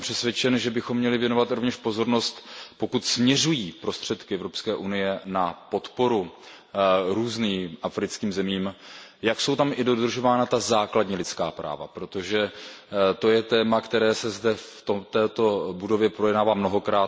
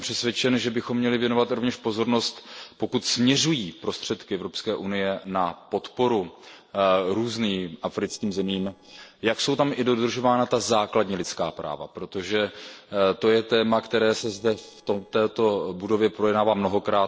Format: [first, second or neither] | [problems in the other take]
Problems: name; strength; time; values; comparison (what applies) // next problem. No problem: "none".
first | noise reduction (neural separator model SepFormer DNS4)